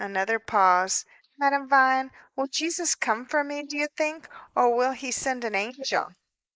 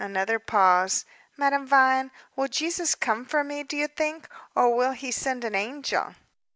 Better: second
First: noise reduction (neural mask model Resemble Enhance denoiser)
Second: none

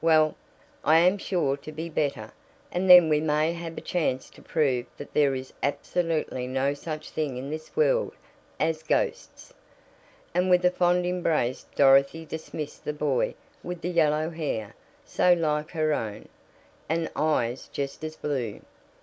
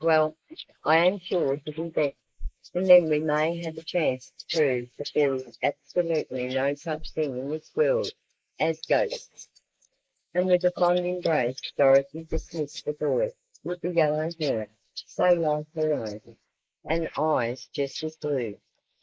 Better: first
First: none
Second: noise reduction (neural mask model Resemble Enhance denoiser)

